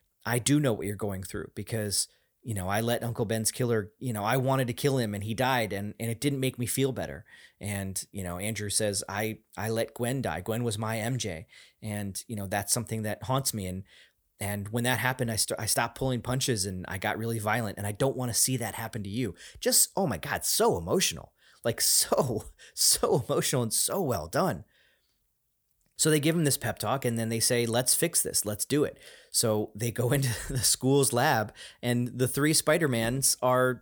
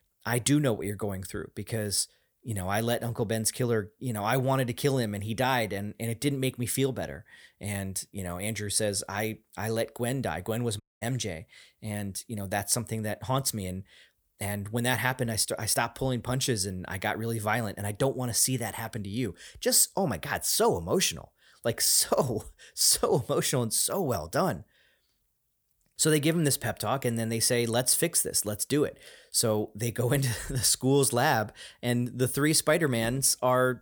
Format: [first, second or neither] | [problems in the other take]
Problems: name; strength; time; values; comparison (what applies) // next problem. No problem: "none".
first | audio cutting out; at 11 s